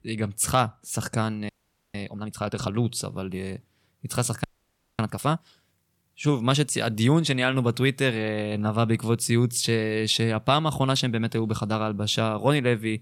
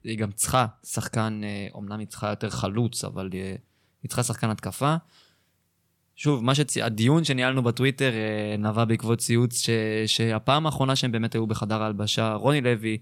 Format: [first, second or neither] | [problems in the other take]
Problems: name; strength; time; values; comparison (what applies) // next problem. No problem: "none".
second | audio freezing; at 1.5 s and at 4.5 s for 0.5 s